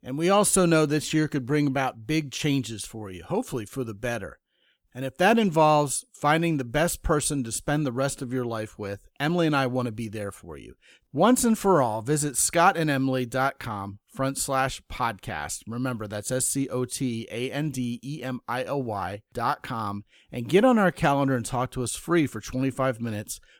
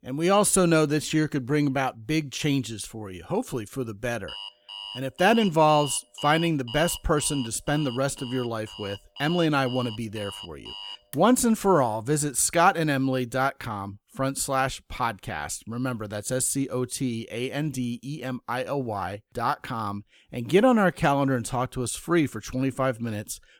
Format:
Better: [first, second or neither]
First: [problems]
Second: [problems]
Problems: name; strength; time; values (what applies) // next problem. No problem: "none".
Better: first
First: none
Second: alarm; noticeable; from 4.5 to 11 s; peak 9 dB below the speech